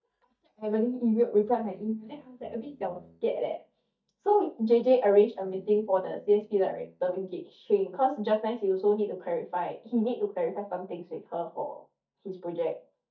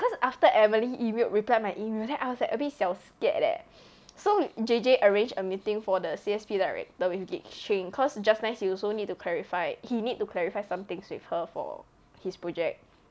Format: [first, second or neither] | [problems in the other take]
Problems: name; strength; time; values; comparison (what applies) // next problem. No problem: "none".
second | noise reduction (neural mask model DeepFilterNet 3)